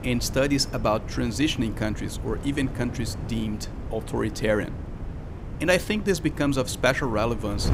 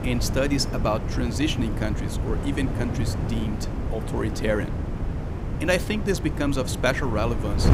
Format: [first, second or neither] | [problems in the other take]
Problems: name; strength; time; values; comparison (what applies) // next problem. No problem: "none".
first | wind noise on the microphone; heavy; 8 dB below the speech; occasional gusts in the first